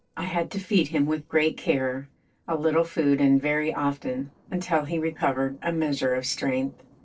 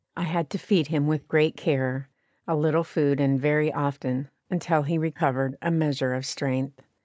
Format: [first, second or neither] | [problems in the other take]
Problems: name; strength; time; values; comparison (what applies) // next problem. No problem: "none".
second | noise reduction (neural separator model SepFormer DNS4)